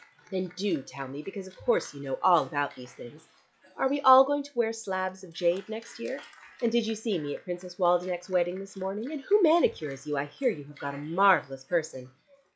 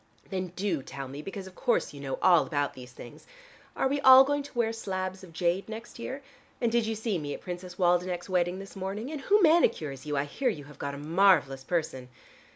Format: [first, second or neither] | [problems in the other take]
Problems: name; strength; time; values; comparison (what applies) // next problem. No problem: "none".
second | noise reduction (classical method log-MMSE)